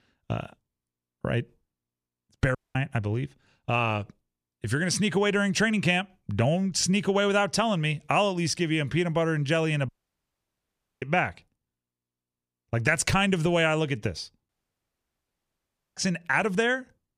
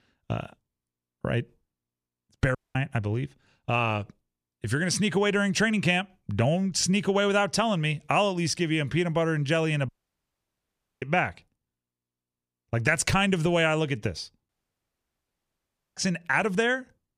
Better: neither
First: audio cutting out; at 2.5 s, at 10 s for 1 s and at 14 s for 1.5 s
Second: audio cutting out; at 2.5 s, at 10 s for 1 s and at 14 s for 1.5 s

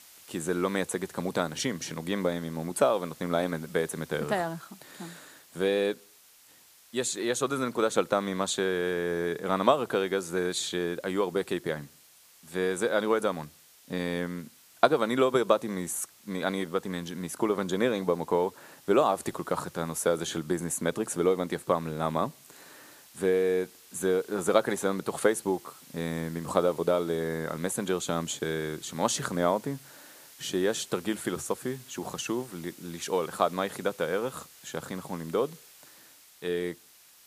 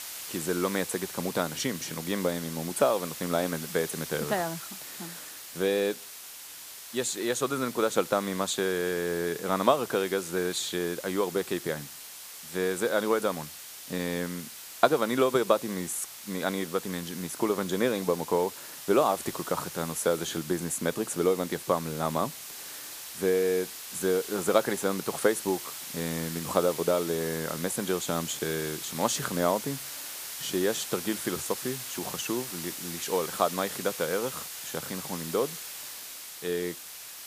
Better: first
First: hiss; faint; throughout; 20 dB below the speech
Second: hiss; loud; throughout; 9 dB below the speech

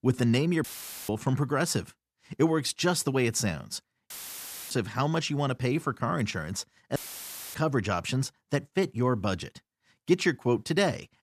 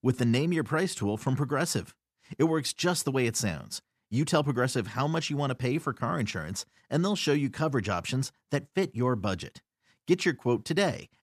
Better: second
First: audio cutting out; filled with static; at 0.5 s, at 4 s for 0.5 s and at 7 s for 0.5 s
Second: none

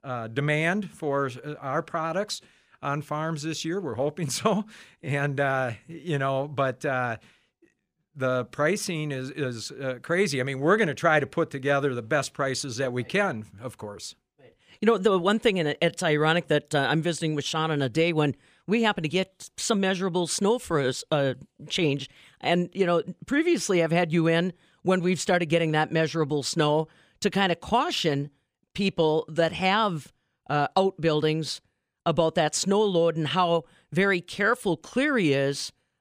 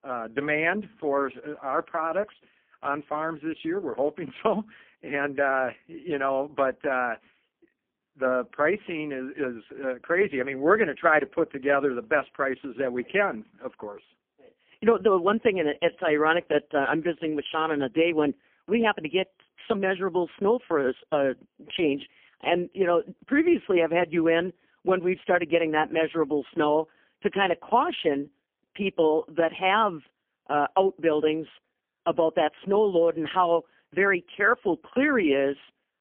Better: first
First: none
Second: phone-call audio; poor line; nothing above 3.5 kHz

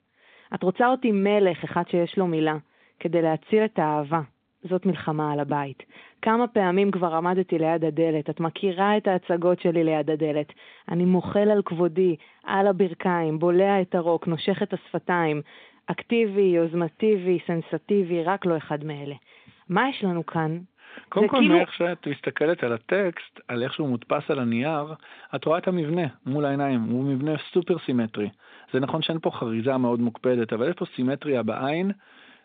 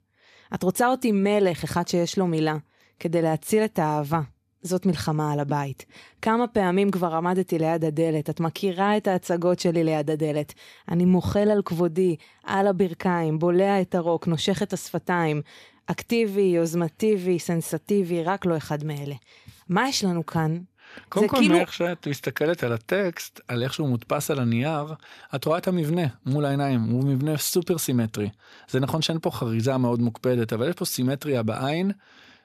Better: second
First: phone-call audio; nothing above 3.5 kHz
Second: none

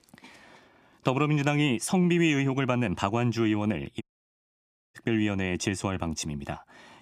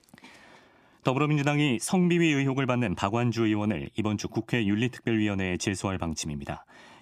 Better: second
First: audio cutting out; at 4 s for 1 s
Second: none

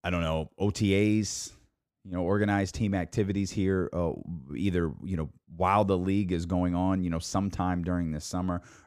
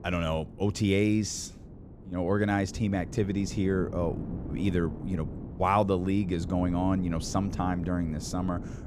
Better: first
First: none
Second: wind noise on the microphone; occasional gusts; 15 dB below the speech

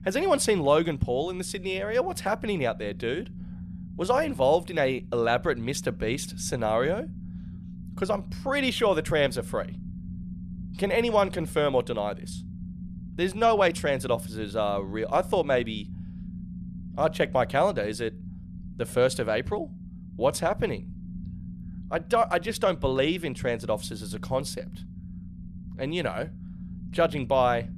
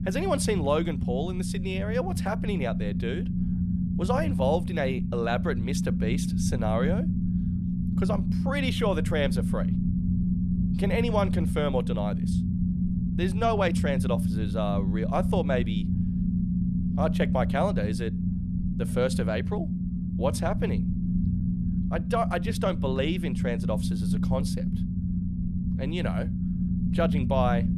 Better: first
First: low rumble; faint; throughout; 25 dB below the speech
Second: low rumble; loud; throughout; 7 dB below the speech

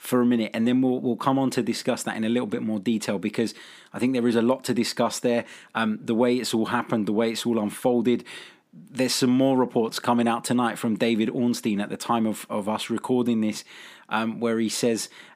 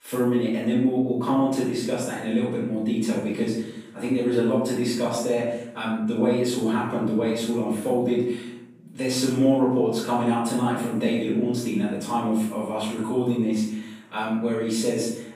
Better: first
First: none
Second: room echo; noticeable; dies away in 0.7 s // off-mic speech; far

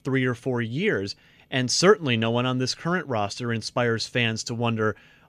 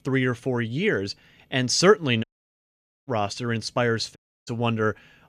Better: first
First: none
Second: audio cutting out; at 2 s for 1 s and at 4 s

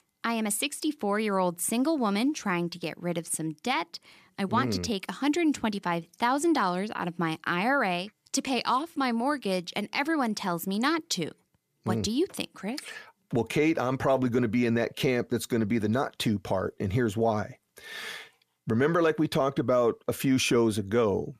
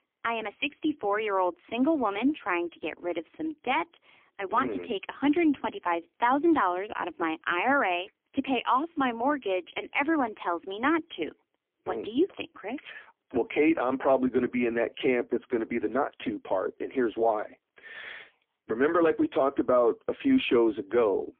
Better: first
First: none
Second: phone-call audio; poor line; nothing above 3.5 kHz

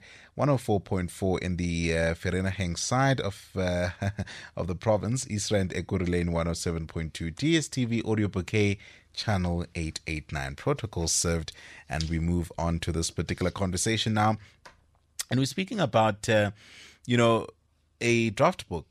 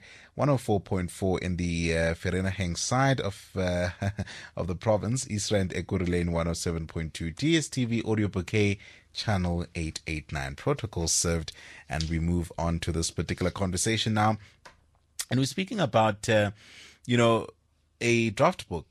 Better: first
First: none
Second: garbled, watery; slightly

